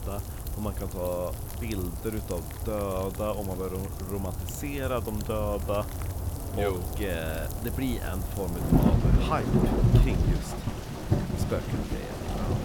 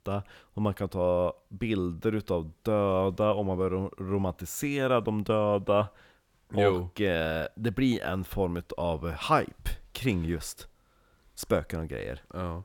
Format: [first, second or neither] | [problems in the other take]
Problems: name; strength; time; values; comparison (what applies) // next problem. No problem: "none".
second | rain or running water; very loud; throughout; 3 dB above the speech